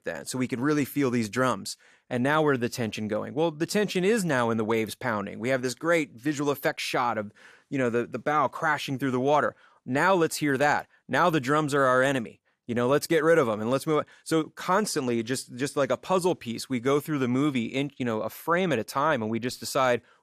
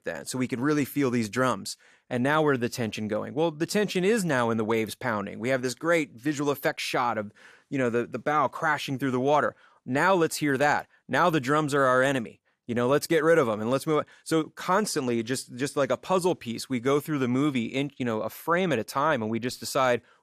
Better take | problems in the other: neither | none

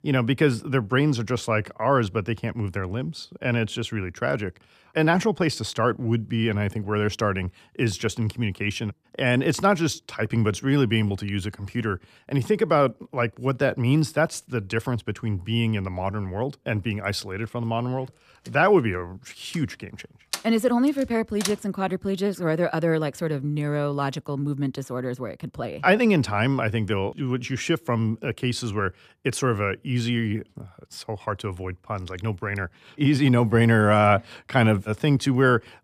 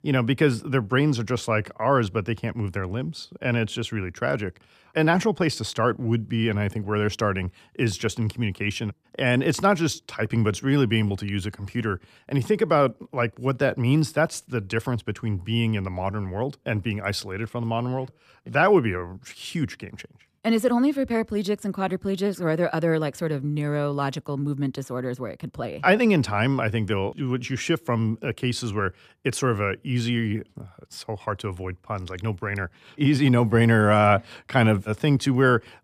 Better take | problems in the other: second | door banging; noticeable; from 20 to 22 s; peak 7 dB below the speech

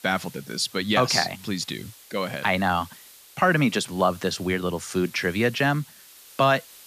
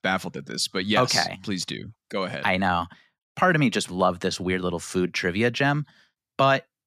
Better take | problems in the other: second | hiss; faint; throughout; 20 dB below the speech

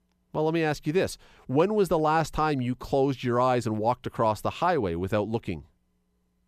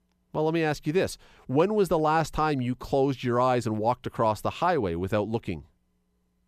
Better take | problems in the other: neither | none

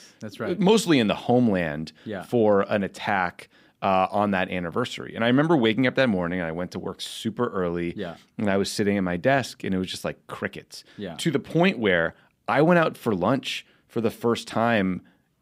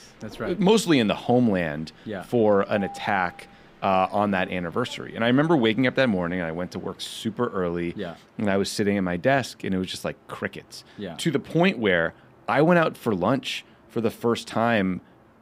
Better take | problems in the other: first | train or aircraft noise; faint; throughout; 25 dB below the speech

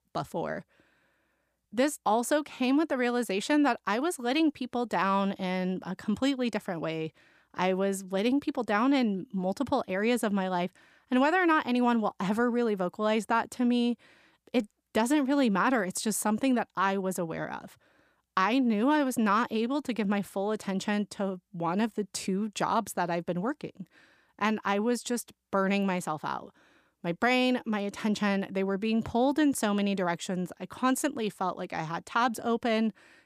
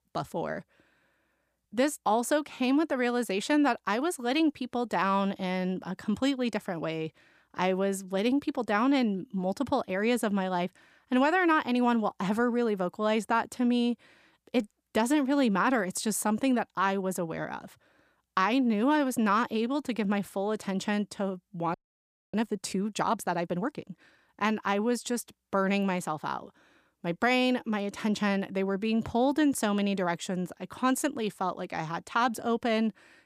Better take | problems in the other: first | audio freezing; at 22 s for 0.5 s

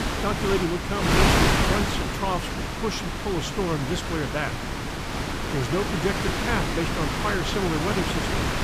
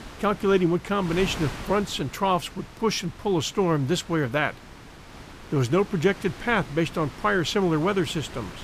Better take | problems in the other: second | wind noise on the microphone; heavy; 3 dB above the speech; occasional gusts in the second

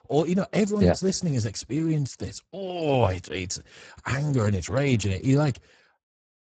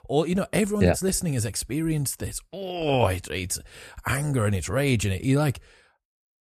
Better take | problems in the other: second | garbled, watery; badly; nothing above 7.5 kHz

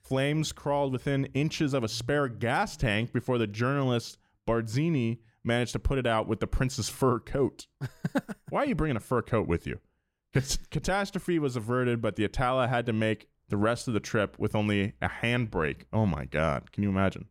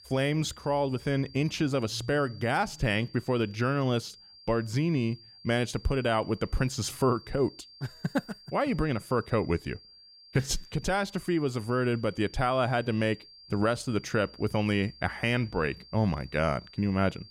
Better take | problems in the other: first | high-pitched whine; faint; throughout; 4.5 kHz, 20 dB below the speech

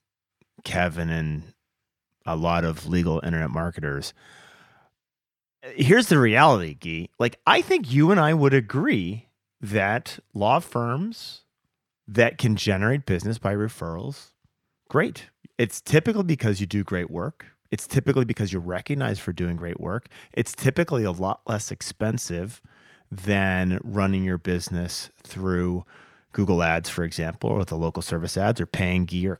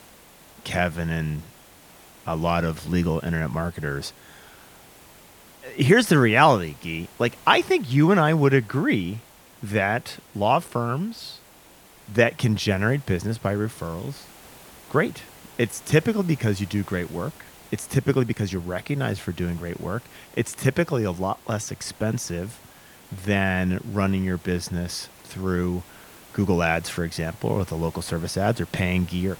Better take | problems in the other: first | hiss; faint; throughout; 25 dB below the speech

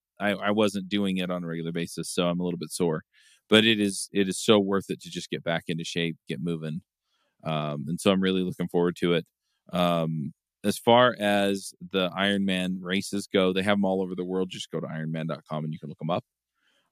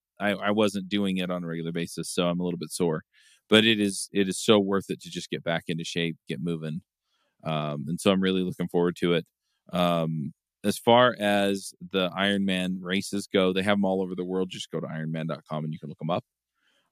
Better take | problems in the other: neither | none

